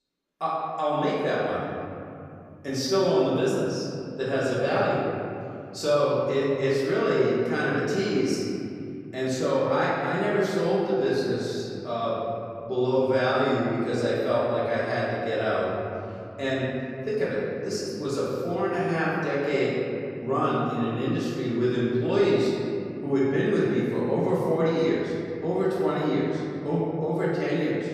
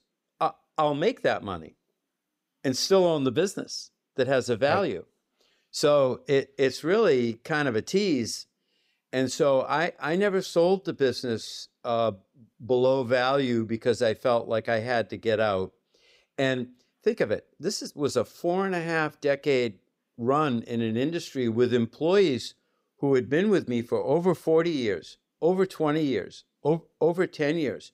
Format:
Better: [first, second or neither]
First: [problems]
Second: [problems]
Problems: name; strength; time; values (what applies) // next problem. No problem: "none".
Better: second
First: room echo; strong; dies away in 2.9 s // off-mic speech; far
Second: none